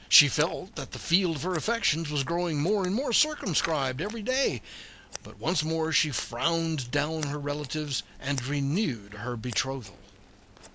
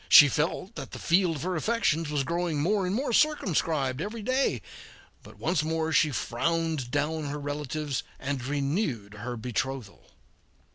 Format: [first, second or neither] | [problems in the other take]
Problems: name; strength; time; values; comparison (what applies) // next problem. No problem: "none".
second | background sound (Scissors); 18 dB below the speech